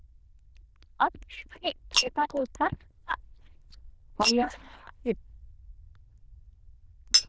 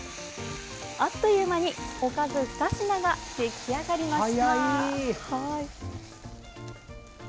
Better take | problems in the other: second | noise reduction (neural diffusion model UNIVERSE++)

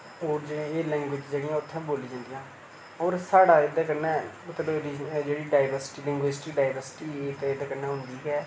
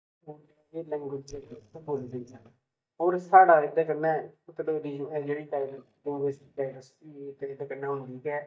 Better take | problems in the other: first | noise reduction (neural mask model DeepFilterNet 3)

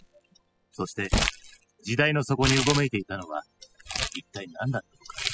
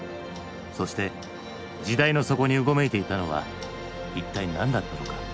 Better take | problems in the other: second | noise reduction (classical method spectral subtraction)

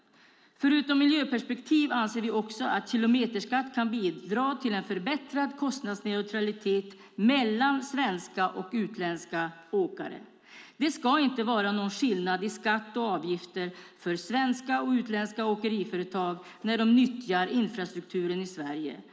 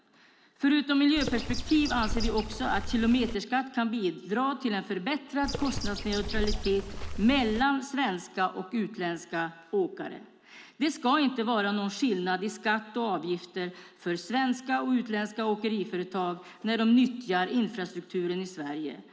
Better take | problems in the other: first | background sound (Bird); 4 dB below the speech

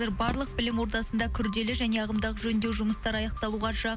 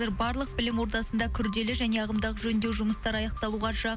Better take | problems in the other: second | background sound (Fireworks); 15 dB below the speech

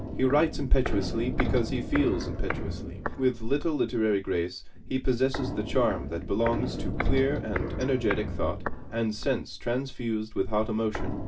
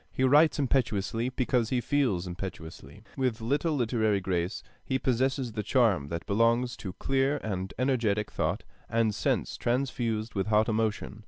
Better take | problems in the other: second | background sound (Walk, footsteps); 7 dB below the speech // room echo; dies away in 0.2 s

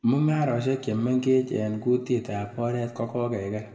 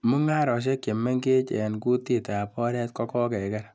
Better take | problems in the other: second | room echo; dies away in 1.3 s

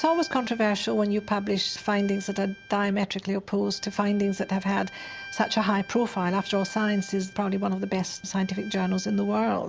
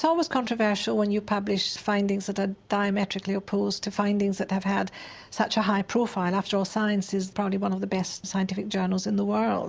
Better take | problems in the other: second | background sound (Bowed string instrument); 19 dB below the speech

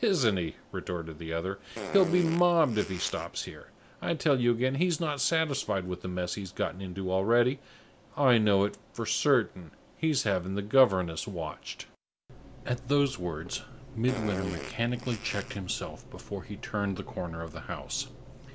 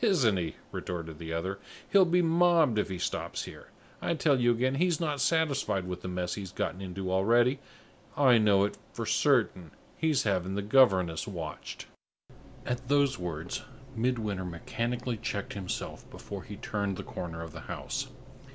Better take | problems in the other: second | background sound (Fart); 11 dB below the speech

